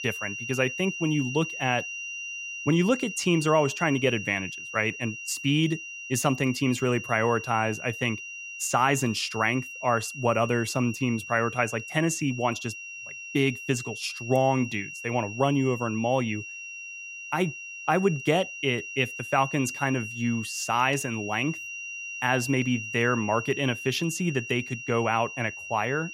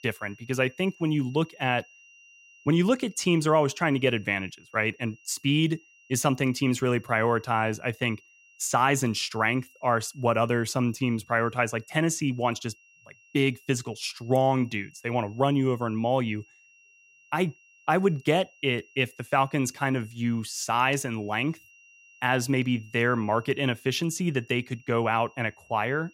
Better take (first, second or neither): second